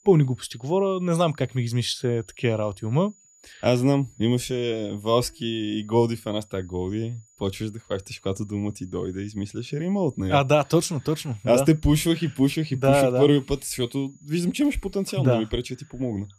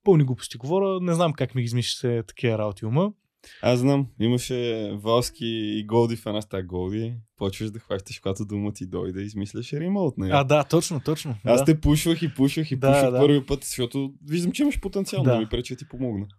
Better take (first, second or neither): second